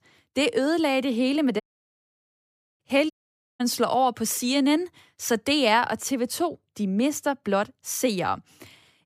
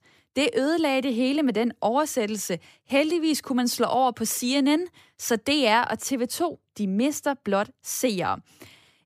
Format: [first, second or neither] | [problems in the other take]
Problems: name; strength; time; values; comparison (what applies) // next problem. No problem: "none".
second | audio cutting out; at 1.5 s for 1 s and at 3 s